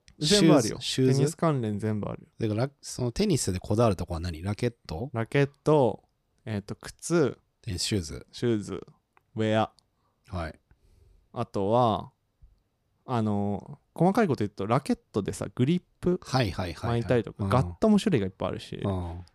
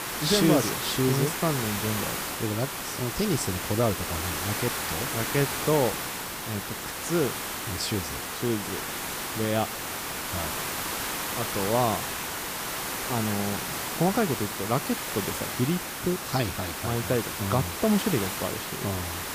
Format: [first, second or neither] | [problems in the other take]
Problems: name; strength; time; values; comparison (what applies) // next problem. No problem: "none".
first | hiss; loud; throughout; 2 dB below the speech